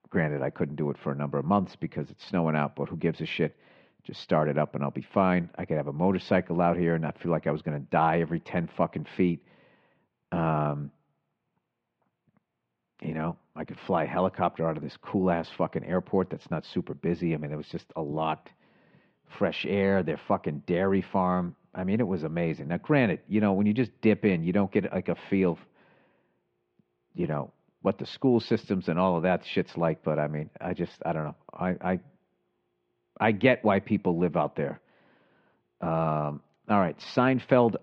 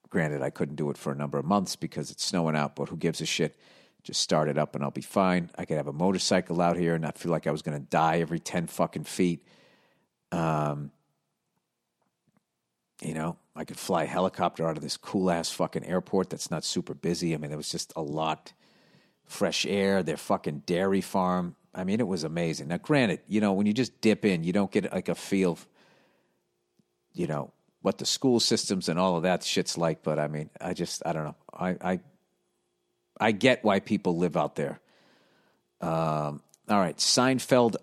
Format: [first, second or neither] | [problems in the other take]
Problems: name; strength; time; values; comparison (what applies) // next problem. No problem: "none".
second | muffled; very; fading above 3 kHz